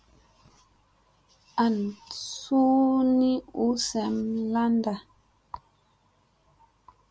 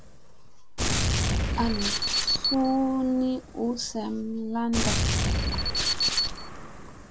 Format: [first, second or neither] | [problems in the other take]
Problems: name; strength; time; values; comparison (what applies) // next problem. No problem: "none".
first | background sound (Alarm + Gunshot, gunfire); 2 dB above the speech